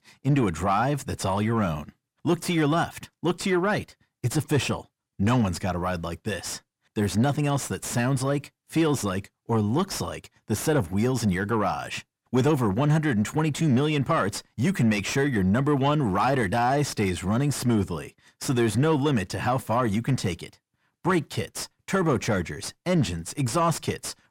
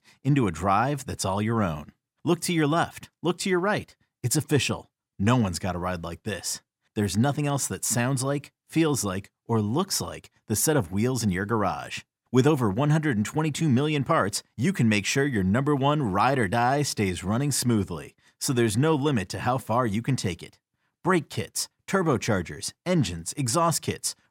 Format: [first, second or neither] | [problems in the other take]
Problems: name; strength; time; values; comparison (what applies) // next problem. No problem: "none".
second | distortion; slight; 10 dB below the speech